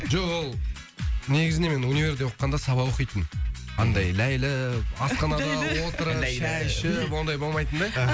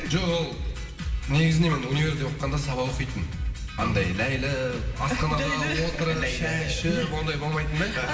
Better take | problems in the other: first | background sound (Bowed string instrument); 14 dB below the speech // room echo; dies away in 2.9 s

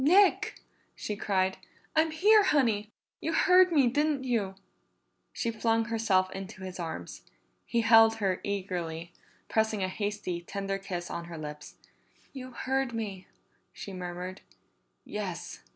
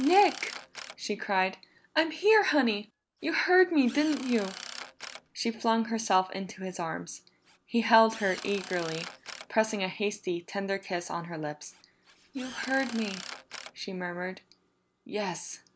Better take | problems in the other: first | background sound (Drill); 18 dB below the speech

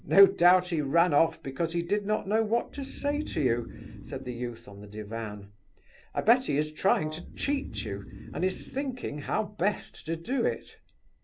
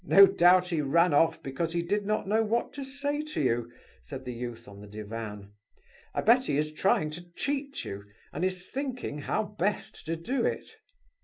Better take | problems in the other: second | background sound (Breathing + Brass instrument); 16 dB below the speech

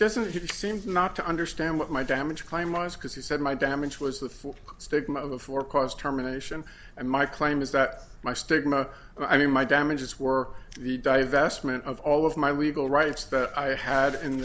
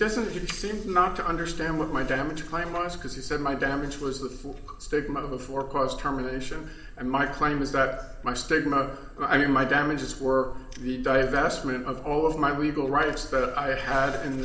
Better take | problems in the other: first | room echo; dies away in 1.6 s

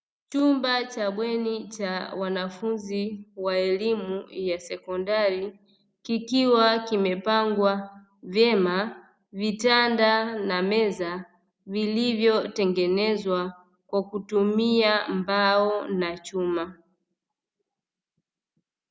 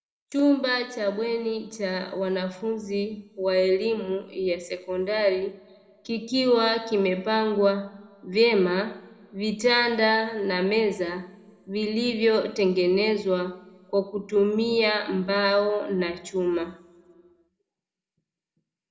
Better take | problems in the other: first | room echo; dies away in 1.3 s

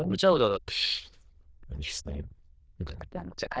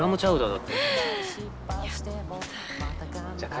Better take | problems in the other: second | noise reduction (neural diffusion model UNIVERSE++)

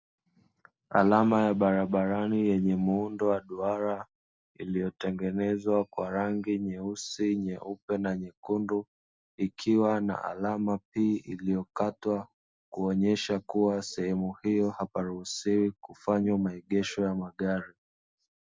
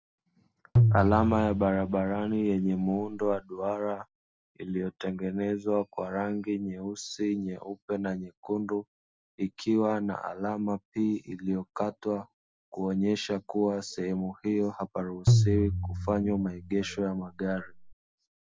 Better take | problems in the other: first | background sound (Tabla); 1 dB above the speech

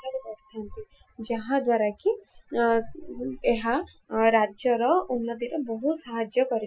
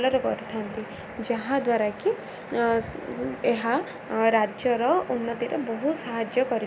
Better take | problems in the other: second | noise reduction (classical method Wiener filter)

